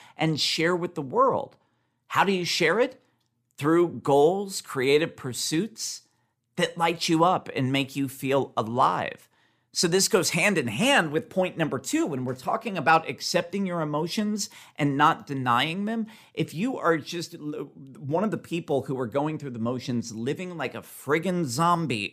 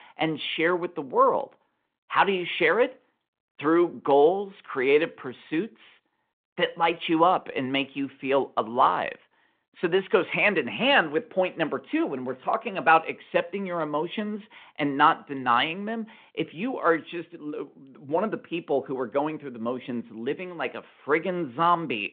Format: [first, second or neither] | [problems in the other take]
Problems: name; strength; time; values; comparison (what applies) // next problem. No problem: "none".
first | phone-call audio